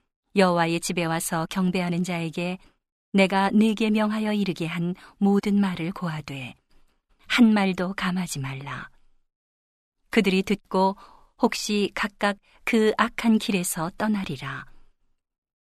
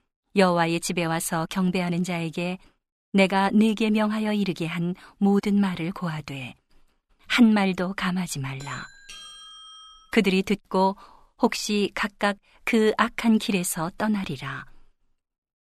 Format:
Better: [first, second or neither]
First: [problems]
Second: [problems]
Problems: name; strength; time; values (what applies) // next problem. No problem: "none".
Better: first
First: none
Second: doorbell; faint; from 8.5 to 10 s; peak 15 dB below the speech